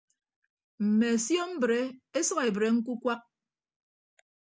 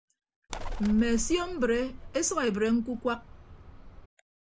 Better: first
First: none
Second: background sound (Bird); 8 dB below the speech

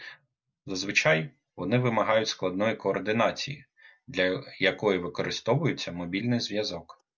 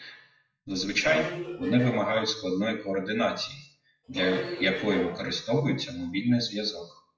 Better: first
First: none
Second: noise reduction (classical method WPE with log-MMSE)

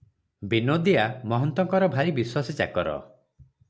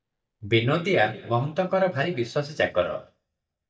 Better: first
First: none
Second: noise reduction (neural mask model DeepFilterNet 3)

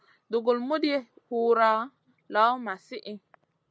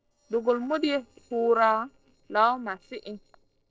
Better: first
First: none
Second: noise reduction (neural separator model SepFormer DNS4)

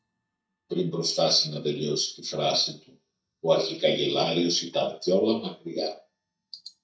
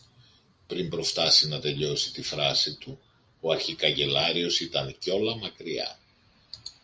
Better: second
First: noise reduction (neural mask model DeepFilterNet 3)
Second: none

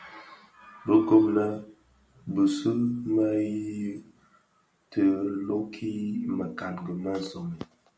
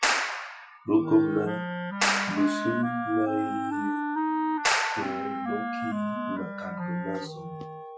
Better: first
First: none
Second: noise reduction (classical method Wiener filter)

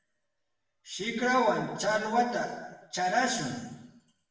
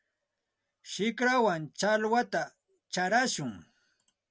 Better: second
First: room echo; dies away in 1 s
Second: none

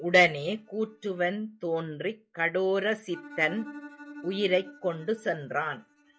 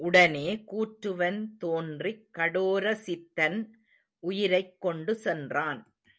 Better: second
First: noise reduction (classical method log-MMSE)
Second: none

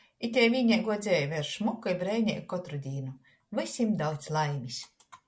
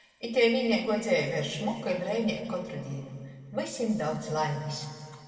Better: first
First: none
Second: room echo; dies away in 2.3 s

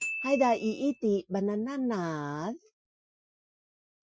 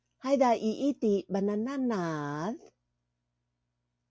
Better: second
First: noise reduction (classical method Wiener filter)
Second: none

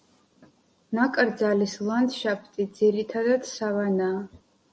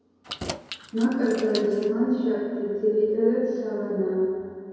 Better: first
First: none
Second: background sound (Keys jangling); 13 dB below the speech // room echo; dies away in 2.2 s

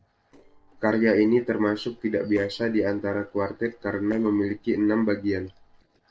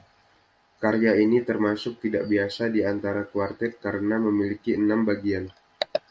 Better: second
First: noise reduction (neural separator model SepFormer DNS4)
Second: none

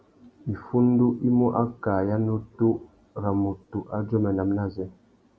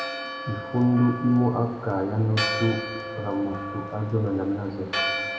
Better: first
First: none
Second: background sound (Church bell); 7 dB below the speech // room echo; dies away in 1.9 s

